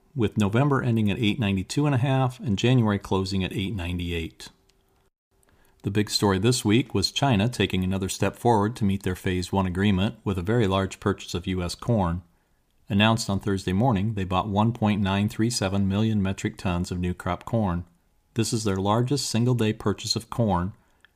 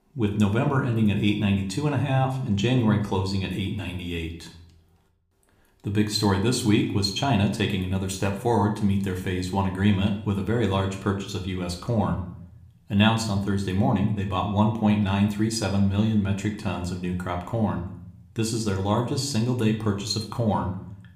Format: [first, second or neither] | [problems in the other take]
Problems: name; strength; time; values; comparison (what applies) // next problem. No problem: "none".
first | room echo; slight; dies away in 0.5 s